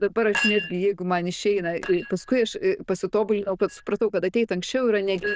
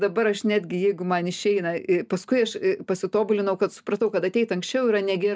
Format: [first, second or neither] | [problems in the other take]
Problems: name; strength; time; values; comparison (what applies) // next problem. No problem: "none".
second | noise reduction (neural diffusion model UNIVERSE++)